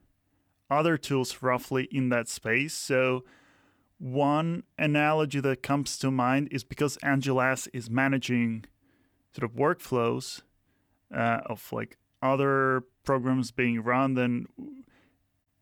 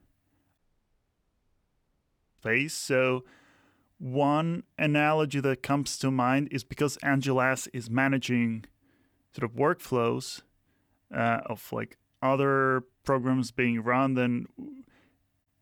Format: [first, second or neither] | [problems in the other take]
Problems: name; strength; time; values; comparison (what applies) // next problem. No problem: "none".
first | audio cutting out; at 0.5 s for 2 s